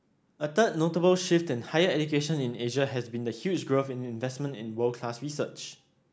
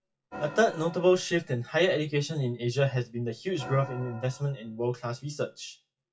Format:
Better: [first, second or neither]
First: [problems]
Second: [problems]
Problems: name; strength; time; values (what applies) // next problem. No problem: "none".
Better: first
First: none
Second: noise reduction (classical method WPE with log-MMSE)